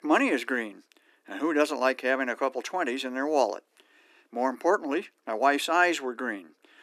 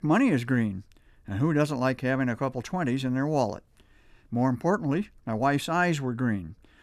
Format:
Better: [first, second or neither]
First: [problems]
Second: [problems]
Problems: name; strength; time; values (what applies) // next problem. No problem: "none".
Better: second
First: thin; somewhat; fading below 300 Hz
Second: none